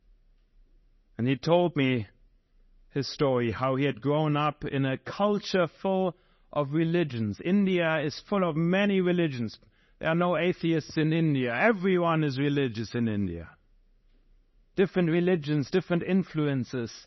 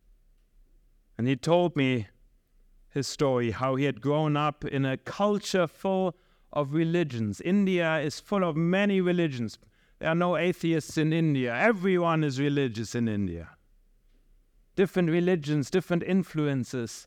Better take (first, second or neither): second